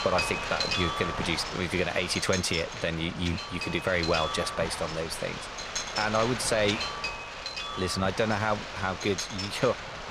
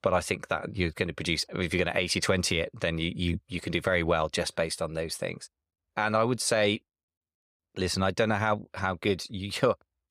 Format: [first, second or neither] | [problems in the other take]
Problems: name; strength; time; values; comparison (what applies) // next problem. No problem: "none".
second | wind noise on the microphone; heavy; 3 dB below the speech